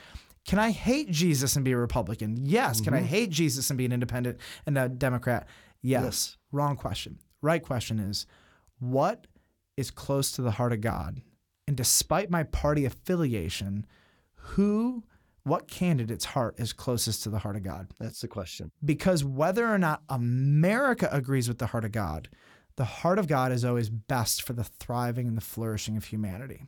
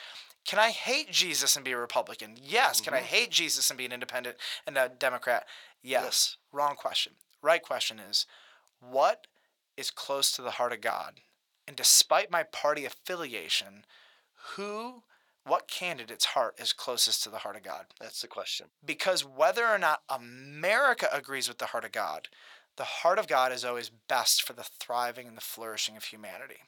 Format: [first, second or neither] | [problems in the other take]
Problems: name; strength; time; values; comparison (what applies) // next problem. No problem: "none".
first | thin; very; fading below 750 Hz